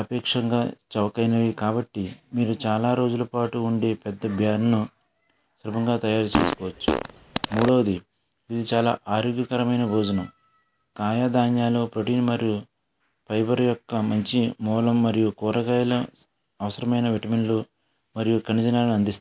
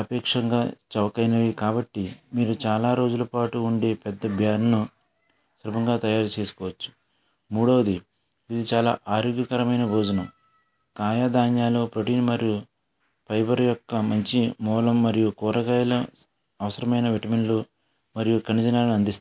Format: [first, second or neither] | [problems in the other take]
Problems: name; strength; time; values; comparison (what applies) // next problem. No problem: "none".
second | background sound (Fart); 2 dB below the speech